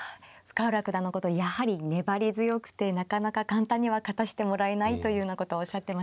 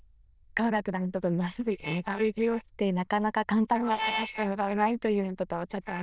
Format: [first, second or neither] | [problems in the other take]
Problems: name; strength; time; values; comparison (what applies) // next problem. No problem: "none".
first | noise reduction (neural diffusion model UNIVERSE++)